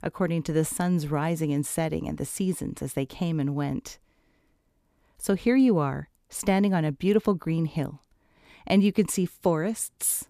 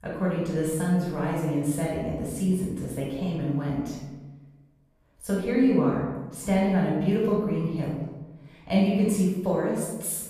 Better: first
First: none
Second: room echo; noticeable; dies away in 1 s // off-mic speech; far

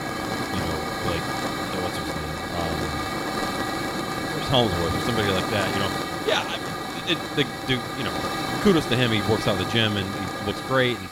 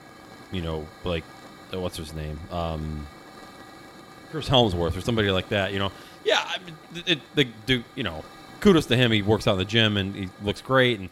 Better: second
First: hiss; loud; throughout; 2 dB below the speech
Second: hiss; faint; throughout; 20 dB below the speech

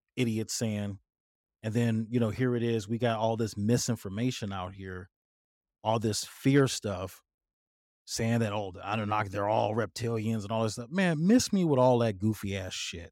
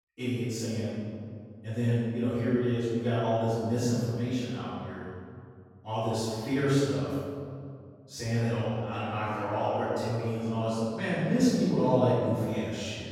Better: first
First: none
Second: room echo; strong; dies away in 2.1 s // off-mic speech; far

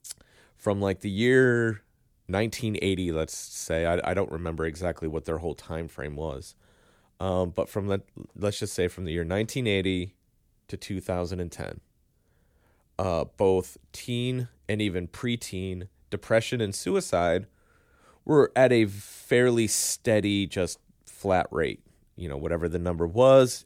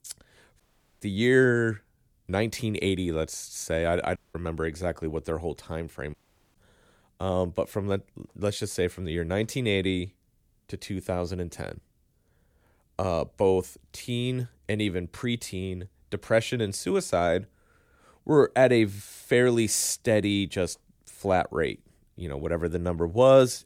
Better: first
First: none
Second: audio cutting out; at 0.5 s, at 4 s and at 6 s

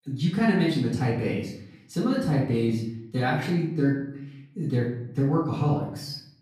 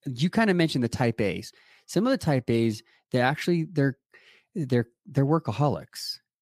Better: second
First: room echo; noticeable; dies away in 0.7 s // off-mic speech; far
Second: none

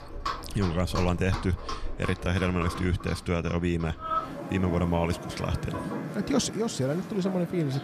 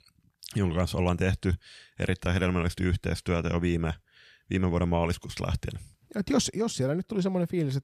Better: second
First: animal sounds; loud; throughout; 8 dB below the speech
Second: none

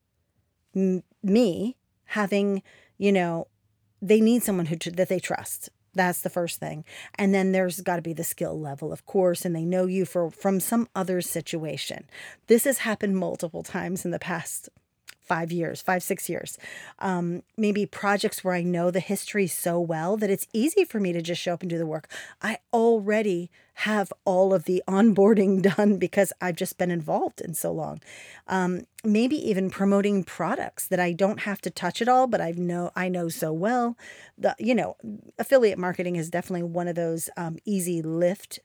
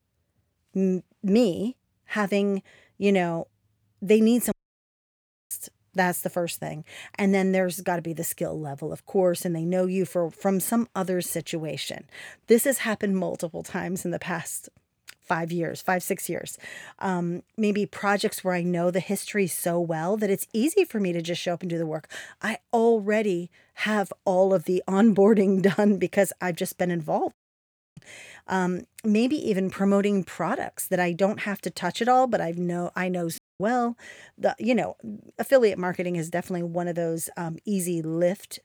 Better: first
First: none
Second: audio cutting out; at 4.5 s for 1 s, at 27 s for 0.5 s and at 33 s

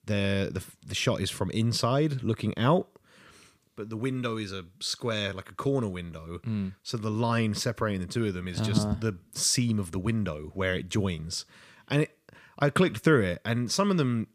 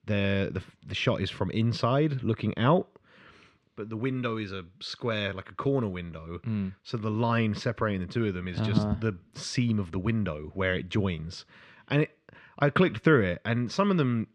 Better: first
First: none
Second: muffled; slightly; fading above 3 kHz

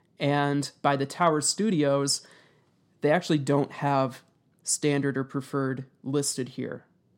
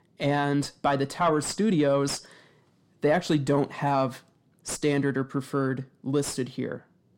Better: first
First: none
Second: distortion; slight; 10 dB below the speech

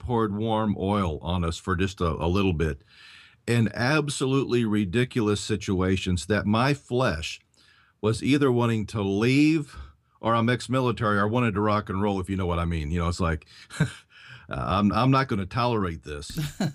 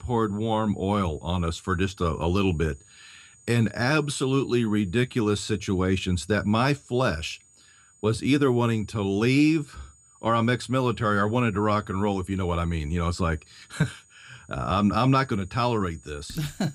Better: first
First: none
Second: high-pitched whine; faint; throughout; 7 kHz, 30 dB below the speech

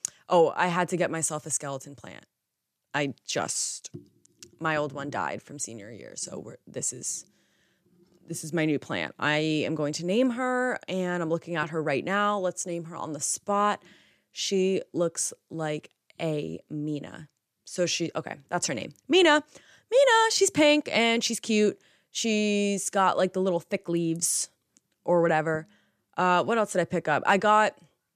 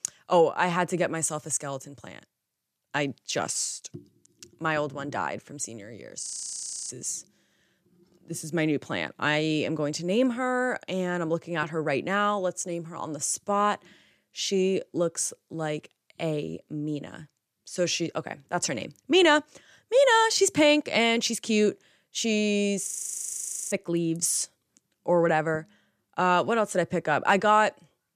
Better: first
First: none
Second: audio freezing; at 6 s for 0.5 s and at 23 s for 1 s

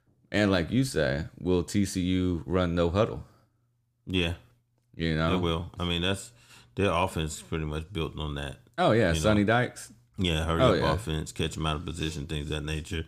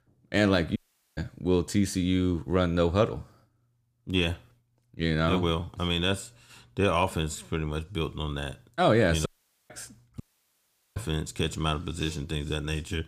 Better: first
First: none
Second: audio cutting out; at 1 s, at 9.5 s and at 10 s for 1 s

